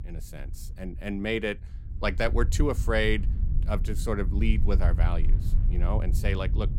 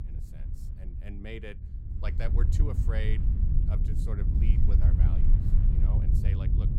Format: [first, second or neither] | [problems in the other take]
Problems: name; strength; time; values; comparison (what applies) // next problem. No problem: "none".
first | wind noise on the microphone; heavy; 1 dB above the speech; occasional gusts in the first